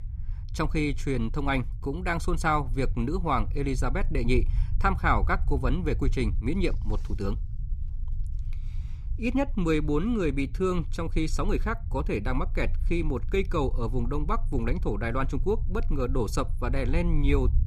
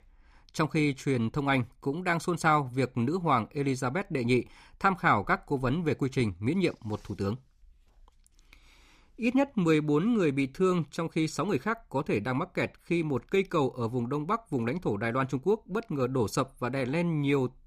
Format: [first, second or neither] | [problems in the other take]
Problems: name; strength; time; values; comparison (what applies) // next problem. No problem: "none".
second | low rumble; faint; throughout; 20 dB below the speech